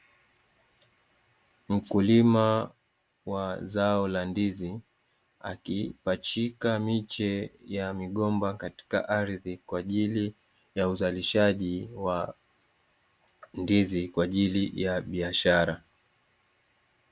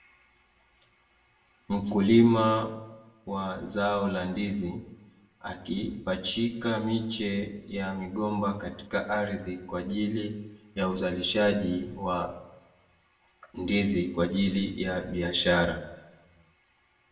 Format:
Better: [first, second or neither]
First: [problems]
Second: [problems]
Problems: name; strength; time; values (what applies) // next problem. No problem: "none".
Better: first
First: none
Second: room echo; dies away in 0.6 s